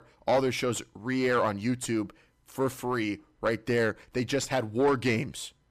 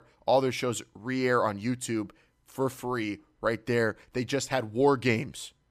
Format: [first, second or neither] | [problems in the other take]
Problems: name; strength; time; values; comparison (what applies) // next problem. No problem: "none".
second | distortion; slight; 10 dB below the speech